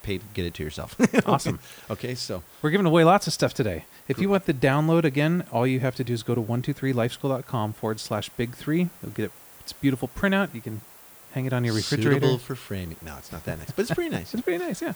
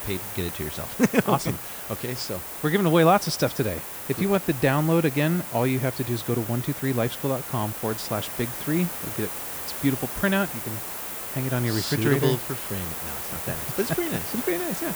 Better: first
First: hiss; faint; throughout; 20 dB below the speech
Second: hiss; loud; throughout; 6 dB below the speech

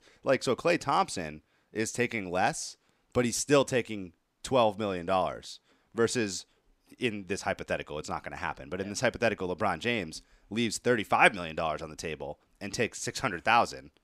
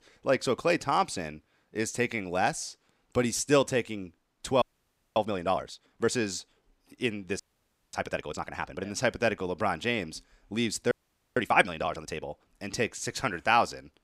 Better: first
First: none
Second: audio freezing; at 4.5 s for 0.5 s, at 7.5 s for 0.5 s and at 11 s

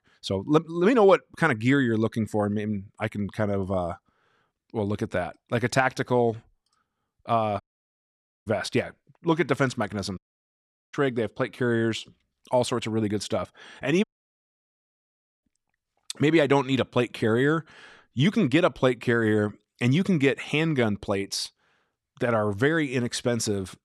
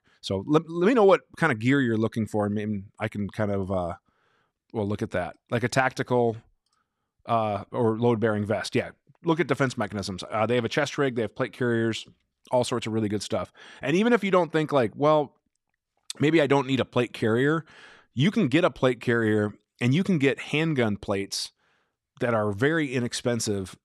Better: second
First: audio cutting out; at 7.5 s for 1 s, at 10 s for 1 s and at 14 s for 1.5 s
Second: none

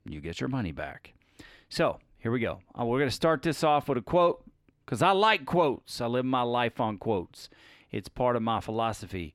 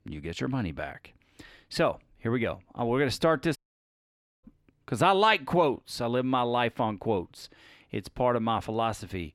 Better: first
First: none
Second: audio cutting out; at 3.5 s for 1 s

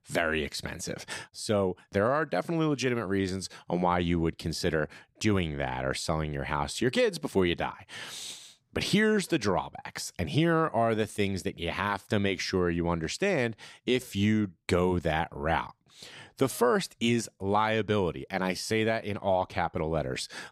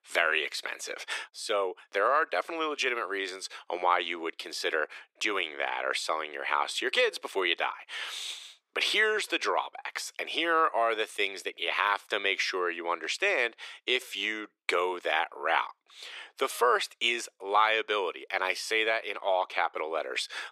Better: first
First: none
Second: thin; very; fading below 400 Hz

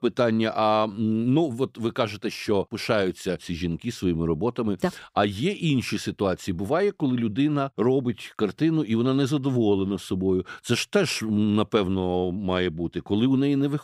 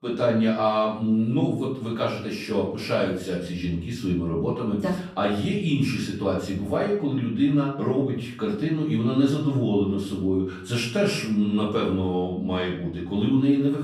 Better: first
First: none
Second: off-mic speech; far // room echo; noticeable; dies away in 0.5 s

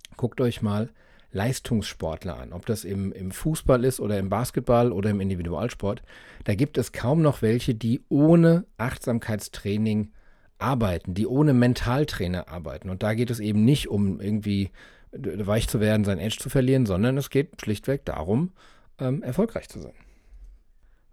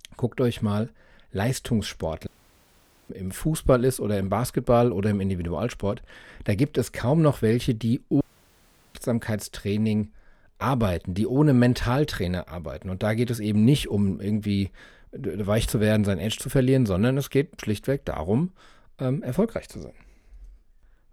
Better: first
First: none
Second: audio cutting out; at 2.5 s for 1 s and at 8 s for 0.5 s

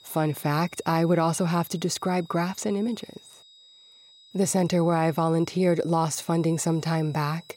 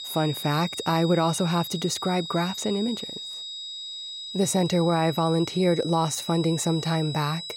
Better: first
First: high-pitched whine; faint; throughout; 4 kHz, 25 dB below the speech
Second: high-pitched whine; loud; throughout; 4 kHz, 9 dB below the speech

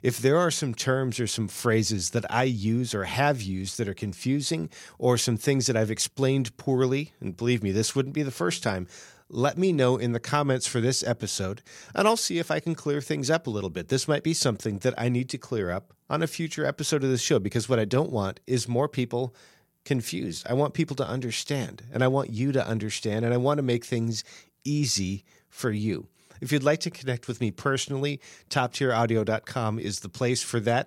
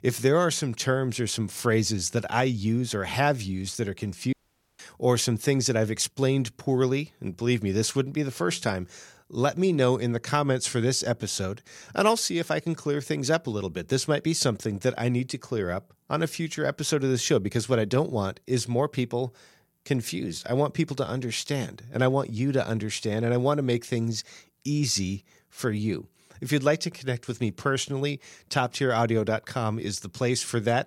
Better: first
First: none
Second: audio cutting out; at 4.5 s

